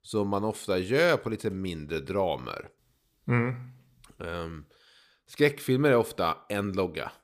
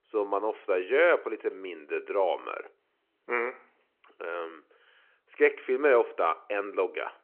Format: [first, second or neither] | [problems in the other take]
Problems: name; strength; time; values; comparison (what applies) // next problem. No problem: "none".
first | phone-call audio